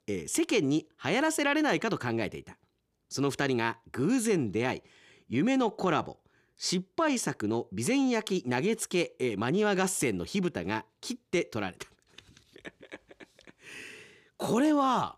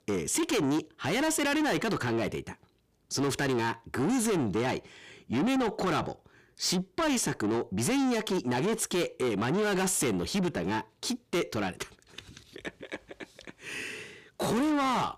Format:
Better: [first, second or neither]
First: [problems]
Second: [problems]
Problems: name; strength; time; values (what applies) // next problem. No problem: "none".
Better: first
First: none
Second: distortion; heavy; 7 dB below the speech